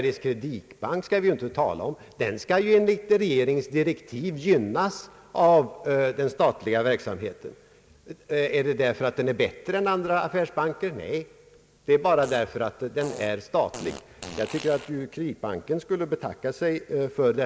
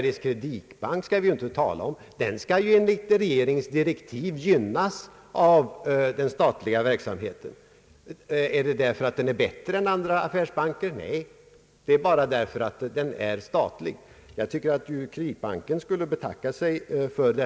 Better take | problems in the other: second | background sound (Fart); 17 dB below the speech

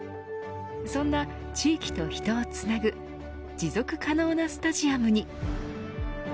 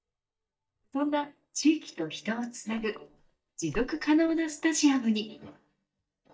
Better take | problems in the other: first | noise reduction (neural mask model DeepFilterNet 3)

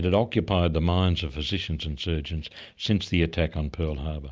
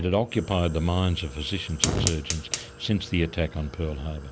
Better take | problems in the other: first | background sound (Fire); 7 dB below the speech

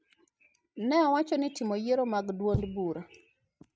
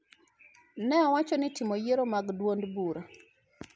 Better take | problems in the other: second | noise reduction (neural mask model RNNoise)

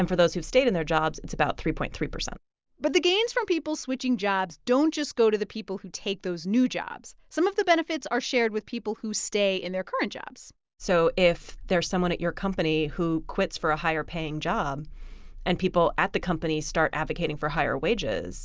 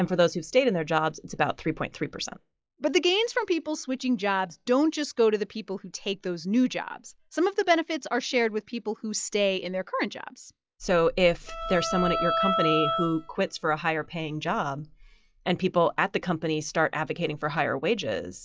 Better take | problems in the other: first | noise reduction (classical method log-MMSE)

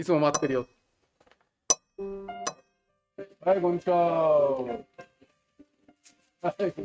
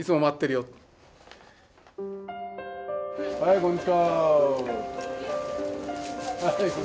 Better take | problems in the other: second | noise reduction (neural mask model RNNoise)

